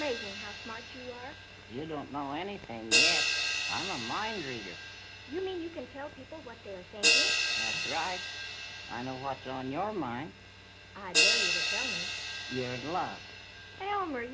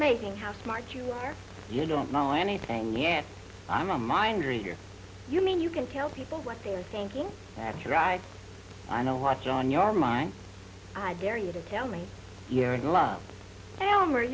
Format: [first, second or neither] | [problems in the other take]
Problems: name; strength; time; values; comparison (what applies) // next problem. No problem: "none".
second | background sound (Crash cymbal); 5 dB above the speech